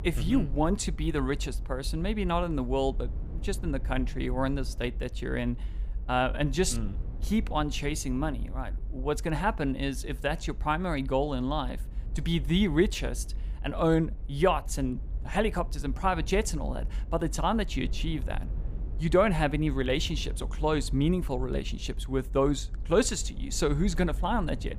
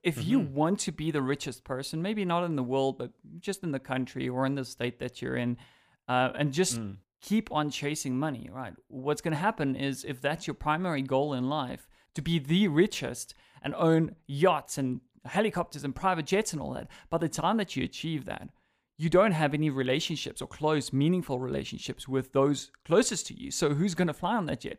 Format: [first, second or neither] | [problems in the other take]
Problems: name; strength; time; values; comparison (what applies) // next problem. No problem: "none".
second | low rumble; faint; throughout; 25 dB below the speech